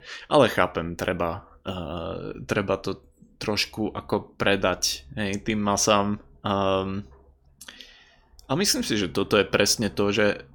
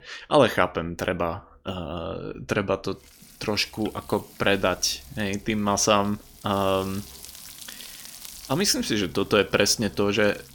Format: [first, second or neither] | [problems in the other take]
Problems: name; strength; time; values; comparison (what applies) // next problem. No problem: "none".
first | household noises; noticeable; from 3 s on; 20 dB below the speech